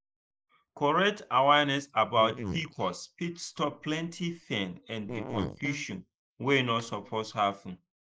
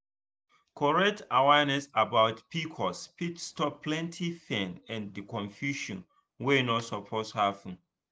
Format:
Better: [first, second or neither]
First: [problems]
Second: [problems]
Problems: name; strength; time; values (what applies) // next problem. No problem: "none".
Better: second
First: noise reduction (neural mask model Resemble Enhance denoiser)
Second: none